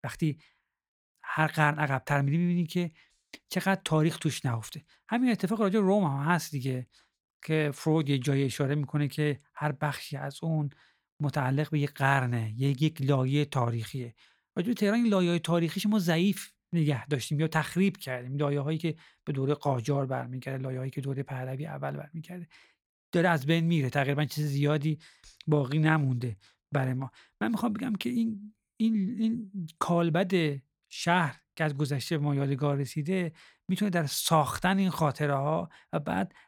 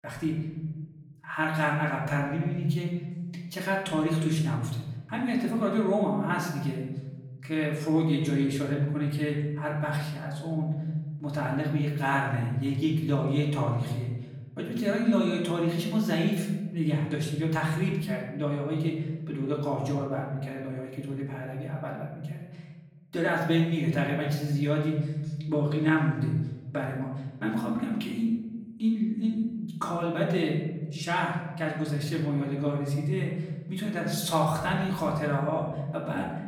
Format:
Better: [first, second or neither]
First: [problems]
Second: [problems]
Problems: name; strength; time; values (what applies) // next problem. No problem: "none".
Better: first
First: none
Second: off-mic speech; far // room echo; noticeable; dies away in 1.2 s